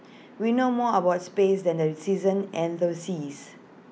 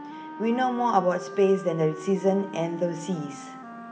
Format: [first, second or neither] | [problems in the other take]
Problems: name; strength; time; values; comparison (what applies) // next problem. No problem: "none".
first | background sound (Wind instrument, woodwind instrument); 14 dB below the speech // room echo; dies away in 0.6 s